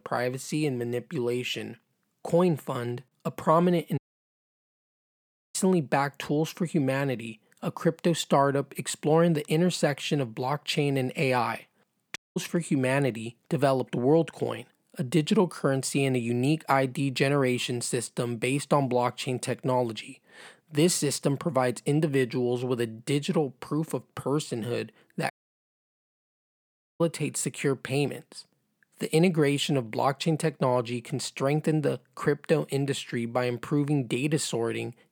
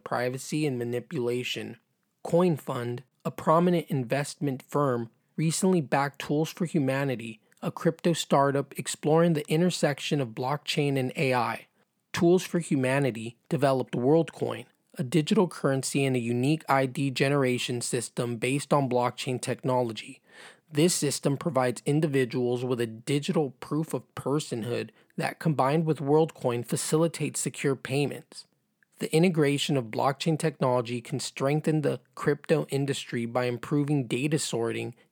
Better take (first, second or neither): second